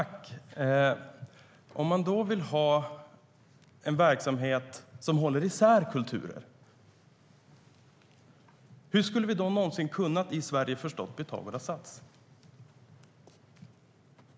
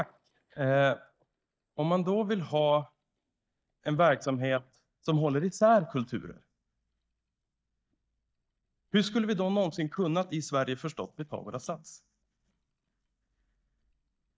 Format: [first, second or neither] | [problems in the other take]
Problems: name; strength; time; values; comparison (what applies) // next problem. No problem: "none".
first | noise reduction (neural mask model DeepFilterNet 3)